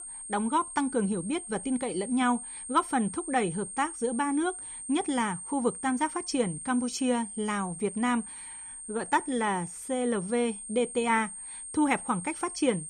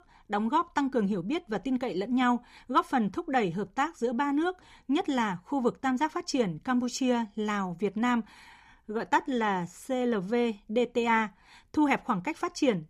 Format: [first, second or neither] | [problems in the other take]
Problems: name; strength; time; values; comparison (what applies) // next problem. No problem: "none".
second | high-pitched whine; loud; throughout; 8.5 kHz, 9 dB below the speech